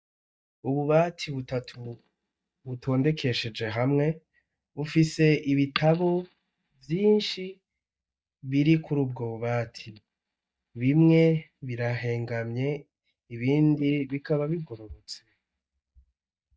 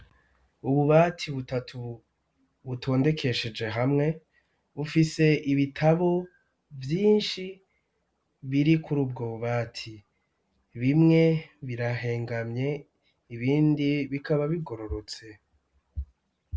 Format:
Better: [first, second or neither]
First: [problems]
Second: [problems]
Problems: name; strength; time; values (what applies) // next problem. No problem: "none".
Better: second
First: noise reduction (neural mask model DeepFilterNet 3)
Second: none